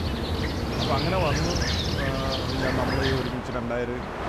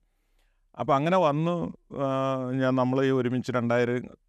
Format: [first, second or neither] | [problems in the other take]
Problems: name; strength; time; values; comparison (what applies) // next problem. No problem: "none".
second | train or aircraft noise; very loud; throughout; 3 dB above the speech